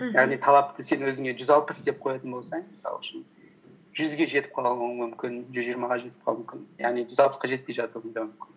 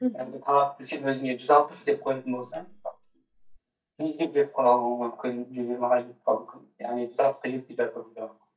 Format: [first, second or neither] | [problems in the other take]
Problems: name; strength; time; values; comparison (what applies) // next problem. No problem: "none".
first | noise reduction (neural mask model DeepFilterNet 3)